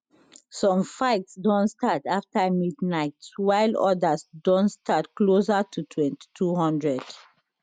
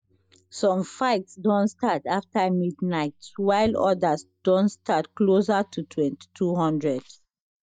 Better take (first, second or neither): first